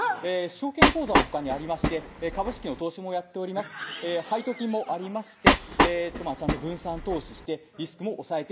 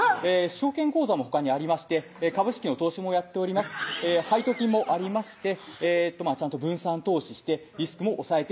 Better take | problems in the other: second | background sound (Train); 5 dB above the speech

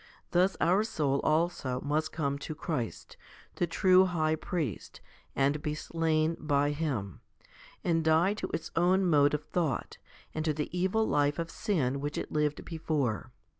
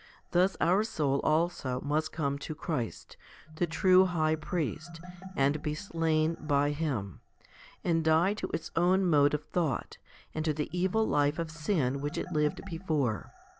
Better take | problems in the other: first | background sound (Marimba, xylophone); 19 dB below the speech

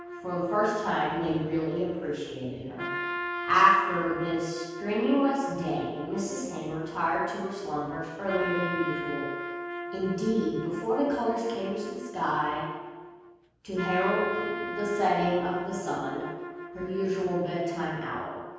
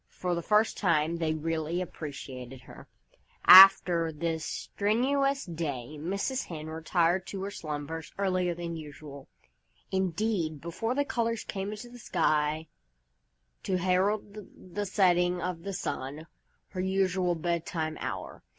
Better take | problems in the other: second | background sound (Trumpet); 8 dB below the speech // room echo; dies away in 1.2 s

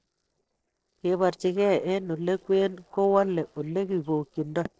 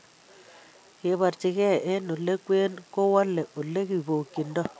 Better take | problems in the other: second | noise reduction (neural separator model SepFormer DNS4)

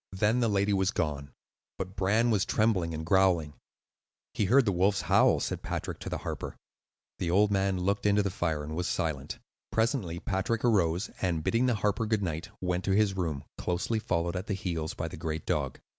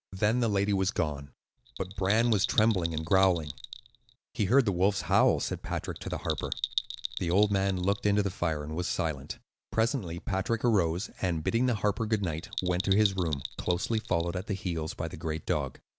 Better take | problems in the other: first | background sound (Bell); 10 dB below the speech

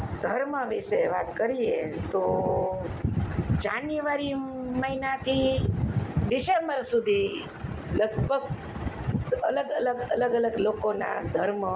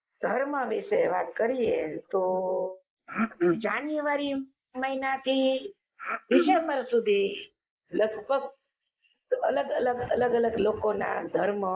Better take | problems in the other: first | noise reduction (neural mask model Resemble Enhance denoiser)

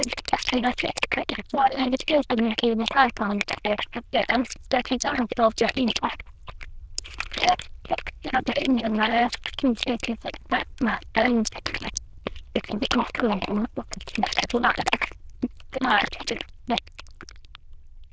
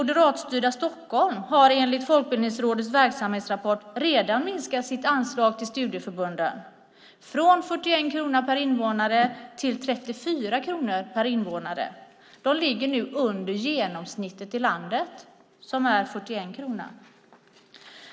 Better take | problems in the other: second | noise reduction (neural diffusion model UNIVERSE++)

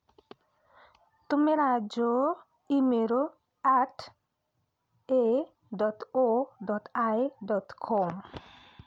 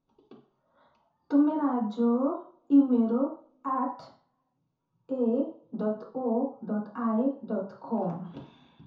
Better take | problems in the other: first | room echo; dies away in 0.7 s

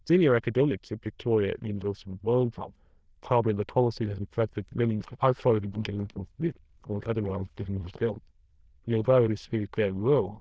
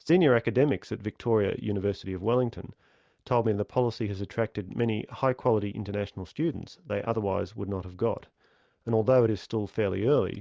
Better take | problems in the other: second | noise reduction (neural diffusion model UNIVERSE++)

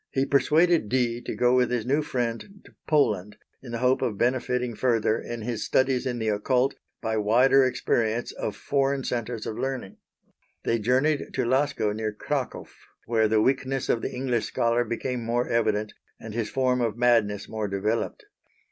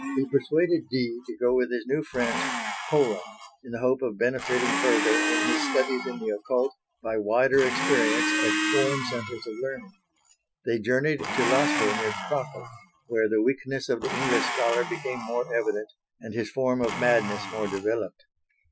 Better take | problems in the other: first | noise reduction (classical method Wiener filter)

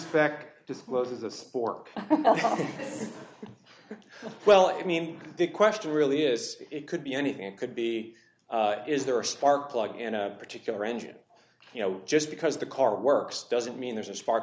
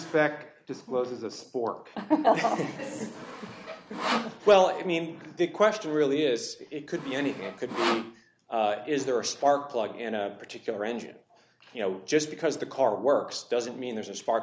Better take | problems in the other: first | background sound (Sawing); 7 dB below the speech

